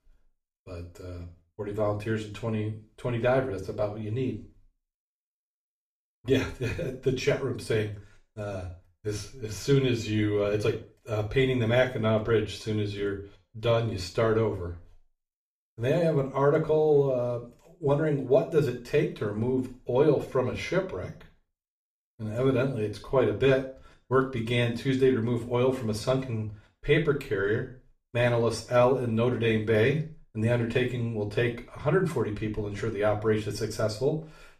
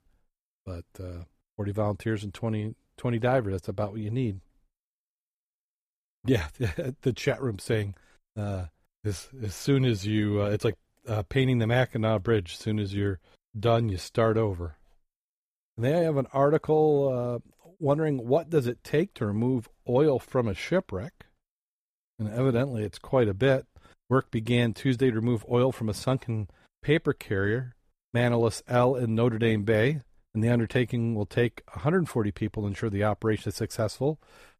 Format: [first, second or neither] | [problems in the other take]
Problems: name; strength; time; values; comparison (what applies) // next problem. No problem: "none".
second | room echo; slight; dies away in 0.3 s // off-mic speech; far